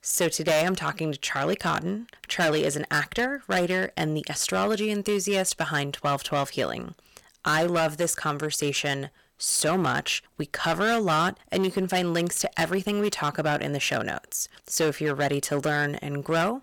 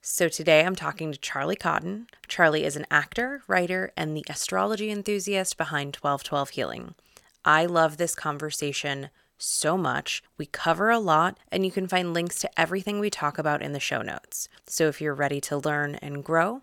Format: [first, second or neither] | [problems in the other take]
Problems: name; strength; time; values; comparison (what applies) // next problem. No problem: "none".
second | distortion; heavy; 9% of the sound clipped